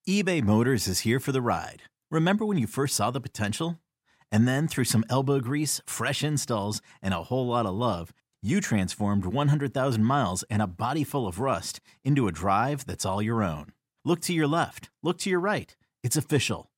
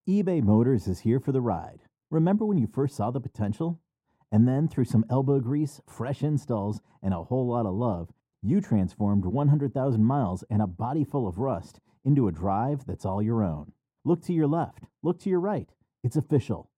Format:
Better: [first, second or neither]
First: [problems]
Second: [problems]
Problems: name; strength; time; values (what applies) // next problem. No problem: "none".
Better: first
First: none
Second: muffled; very; fading above 1 kHz